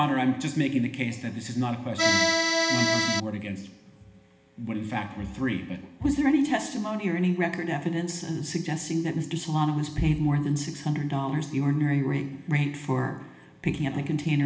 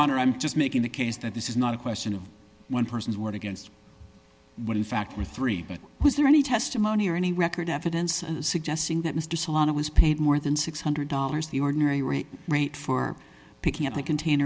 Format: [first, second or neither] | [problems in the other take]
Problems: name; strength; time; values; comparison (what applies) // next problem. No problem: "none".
second | background sound (Accordion); 4 dB above the speech // room echo; dies away in 1.1 s